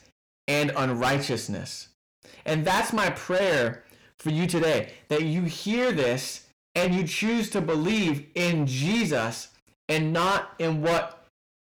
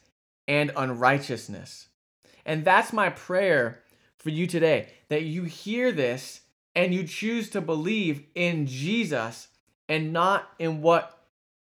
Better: second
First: distortion; heavy; 6 dB below the speech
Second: none

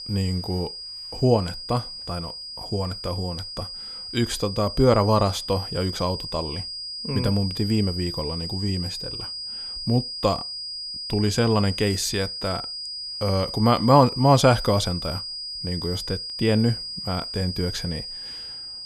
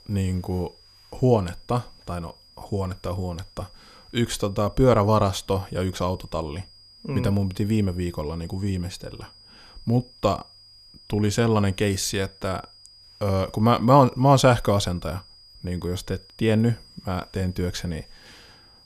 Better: second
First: high-pitched whine; loud; throughout; 5 kHz, 7 dB below the speech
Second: high-pitched whine; faint; throughout; 5 kHz, 25 dB below the speech

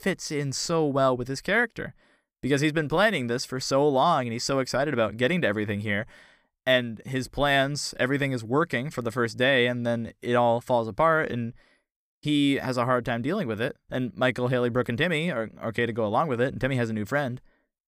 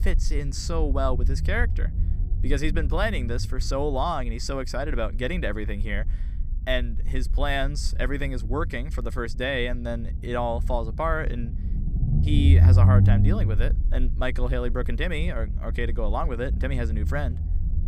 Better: first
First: none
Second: low rumble; noticeable; throughout; 10 dB below the speech

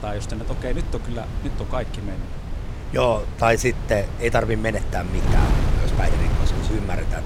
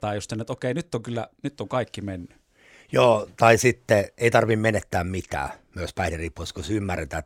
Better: second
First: wind noise on the microphone; heavy; 10 dB below the speech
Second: none

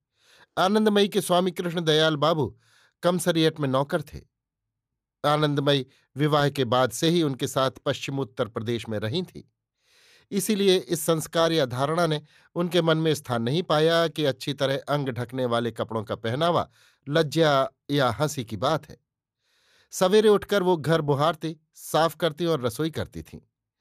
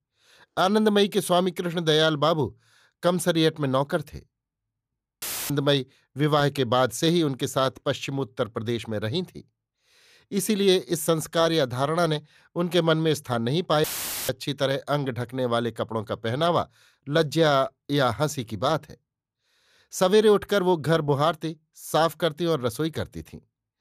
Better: first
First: none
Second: audio cutting out; filled with static; at 5 s and at 14 s

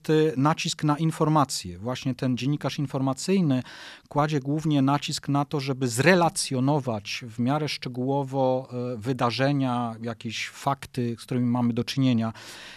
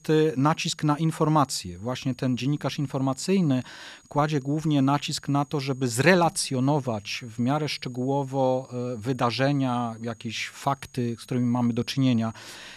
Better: first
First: none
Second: high-pitched whine; faint; throughout; 6.5 kHz, 30 dB below the speech

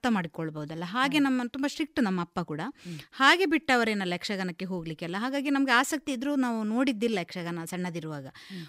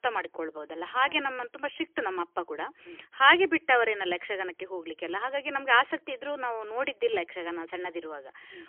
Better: first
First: none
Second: phone-call audio; poor line; nothing above 3 kHz

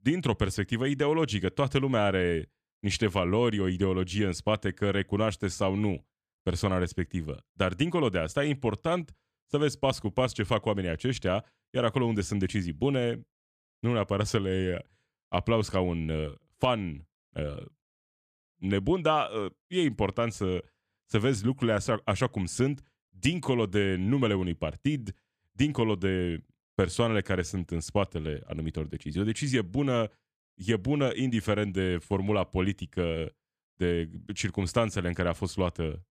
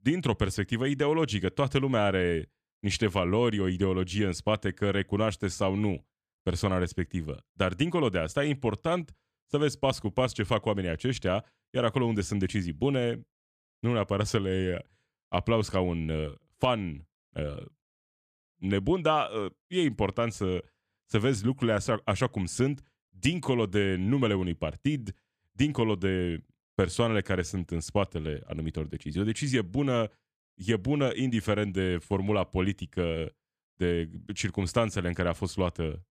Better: neither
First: none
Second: none

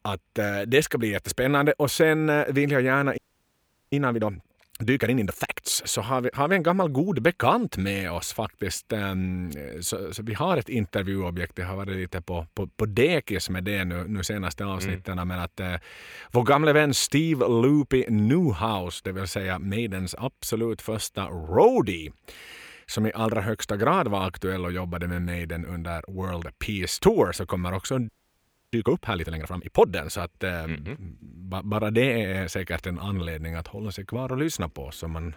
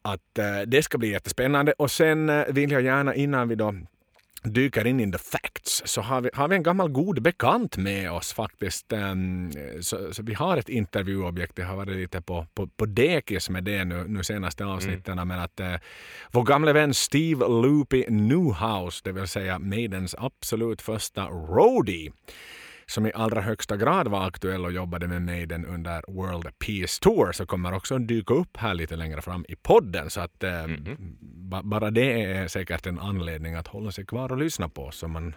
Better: second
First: audio freezing; at 3 s for 0.5 s and at 28 s for 0.5 s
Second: none

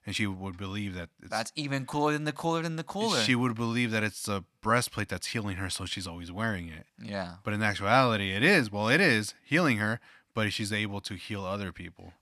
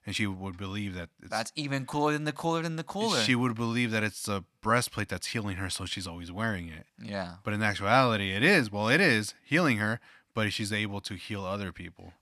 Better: neither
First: none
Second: none

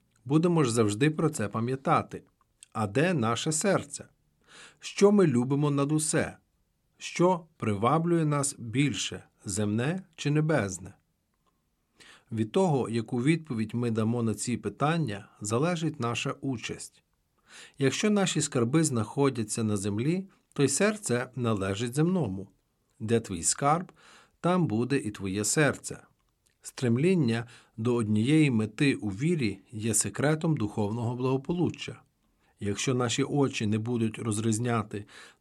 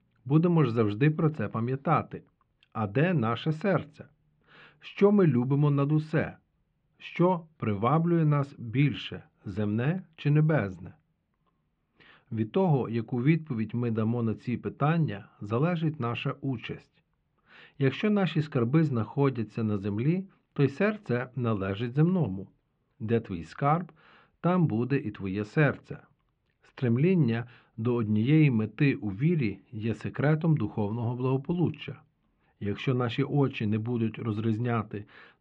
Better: first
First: none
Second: muffled; very; fading above 3 kHz

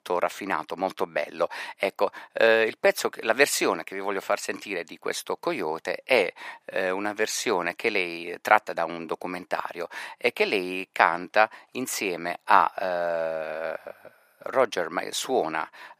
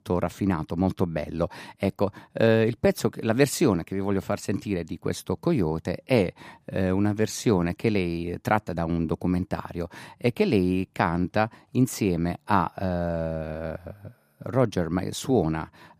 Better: second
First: thin; very; fading below 600 Hz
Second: none

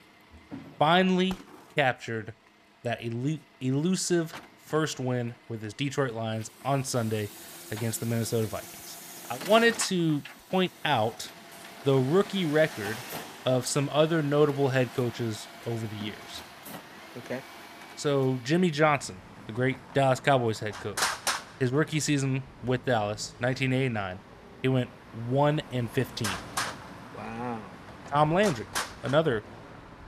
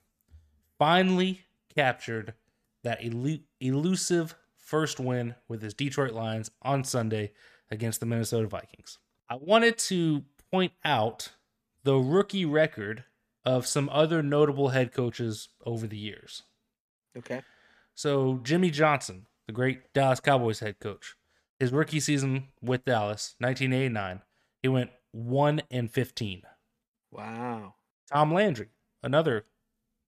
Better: second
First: traffic noise; noticeable; throughout; 10 dB below the speech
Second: none

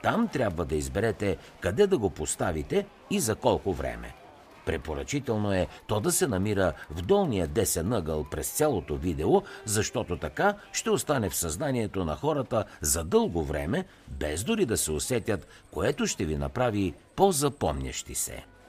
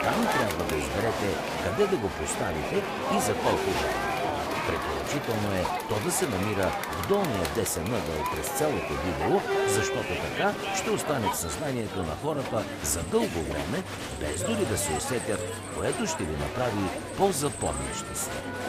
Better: first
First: crowd noise; faint; throughout; 25 dB below the speech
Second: crowd noise; loud; throughout; 1 dB below the speech

